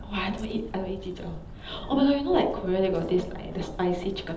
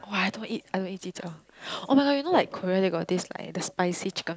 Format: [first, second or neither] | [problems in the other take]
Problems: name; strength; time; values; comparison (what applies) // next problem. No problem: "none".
second | background sound (Walk, footsteps); 13 dB below the speech // room echo; dies away in 1.2 s